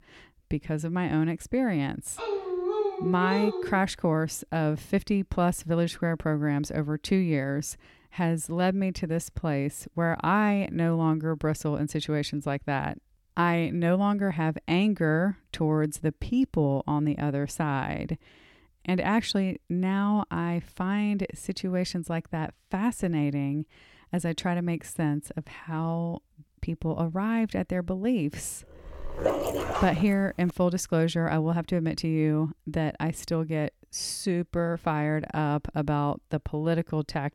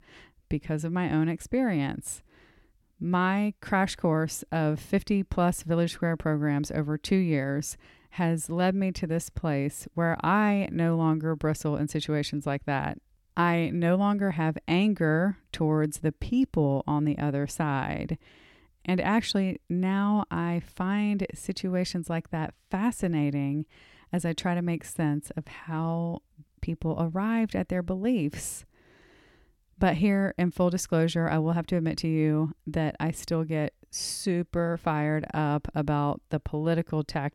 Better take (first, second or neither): second